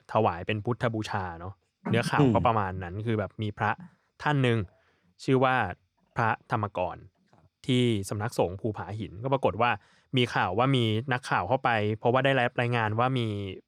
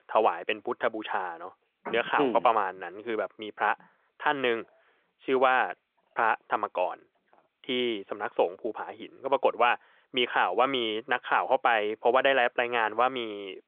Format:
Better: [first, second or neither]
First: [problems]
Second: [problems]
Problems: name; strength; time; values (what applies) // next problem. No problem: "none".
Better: first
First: none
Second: phone-call audio; nothing above 3.5 kHz